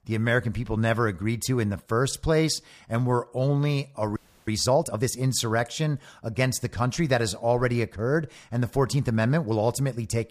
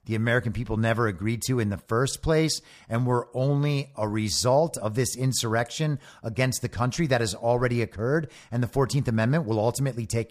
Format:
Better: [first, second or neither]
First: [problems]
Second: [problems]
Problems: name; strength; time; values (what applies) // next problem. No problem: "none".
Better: second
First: audio freezing; at 4 s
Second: none